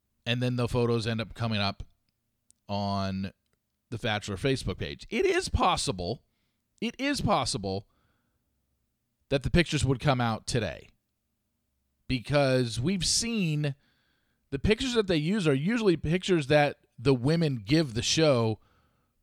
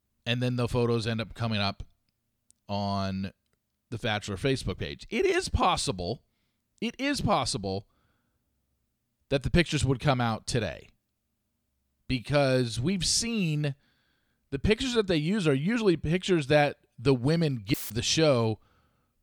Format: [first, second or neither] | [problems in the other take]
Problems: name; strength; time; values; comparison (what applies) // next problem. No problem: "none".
first | audio cutting out; filled with static; at 18 s